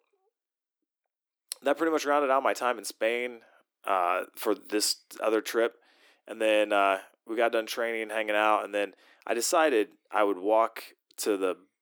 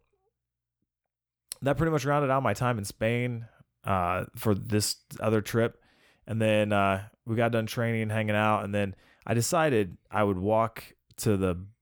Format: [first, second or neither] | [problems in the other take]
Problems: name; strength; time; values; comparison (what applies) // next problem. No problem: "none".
second | thin; very; fading below 300 Hz